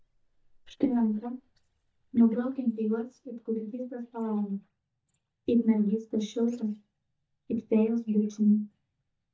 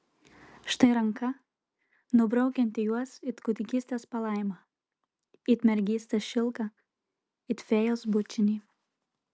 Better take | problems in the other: second | noise reduction (neural mask model DeepFilterNet 3)

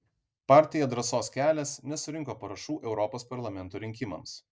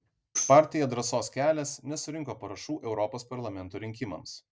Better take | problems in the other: first | background sound (Tambourine); 9 dB below the speech

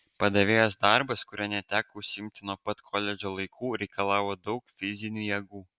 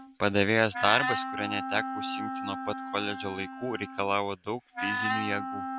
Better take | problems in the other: first | background sound (Wind instrument, woodwind instrument); 4 dB below the speech

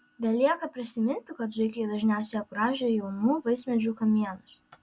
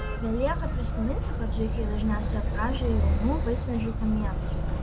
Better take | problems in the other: first | background sound (Motor vehicle (road)); 4 dB above the speech

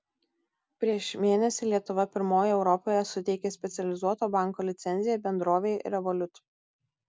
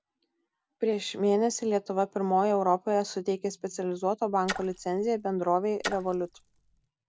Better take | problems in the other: first | background sound (Splash, splatter); 12 dB below the speech

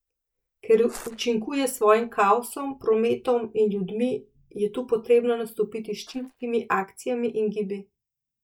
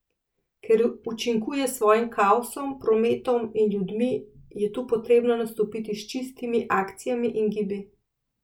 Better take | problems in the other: second | noise reduction (neural mask model DeepFilterNet 3)

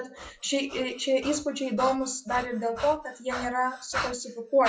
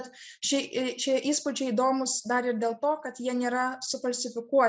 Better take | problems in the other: second | noise reduction (classical method WPE with log-MMSE)

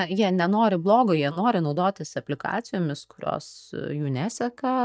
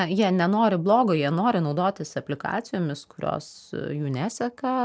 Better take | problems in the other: second | noise reduction (neural mask model DeepFilterNet 3)

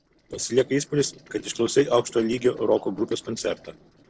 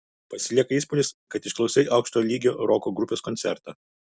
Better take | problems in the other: second | noise reduction (neural separator model SepFormer DNS4)

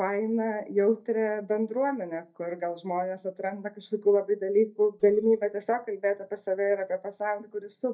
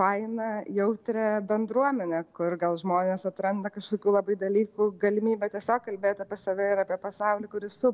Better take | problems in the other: second | noise reduction (neural mask model DeepFilterNet 3)

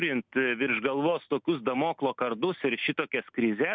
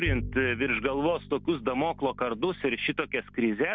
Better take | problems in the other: first | background sound (Bowed string instrument); 11 dB below the speech

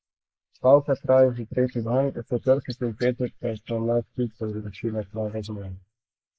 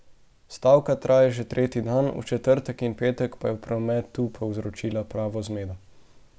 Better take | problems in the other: second | noise reduction (neural mask model Resemble Enhance denoiser)

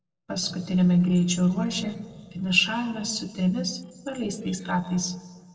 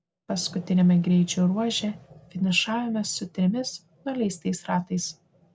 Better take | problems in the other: second | noise reduction (neural separator model SepFormer DNS4)

